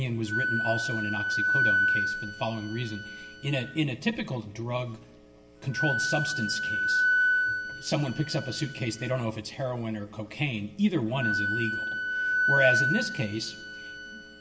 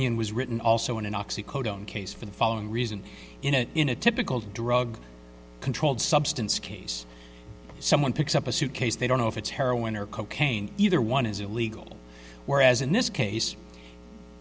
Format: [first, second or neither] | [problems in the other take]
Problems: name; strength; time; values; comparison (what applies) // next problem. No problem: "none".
second | background sound (Wind instrument, woodwind instrument); 1 dB above the speech // room echo; dies away in 0.9 s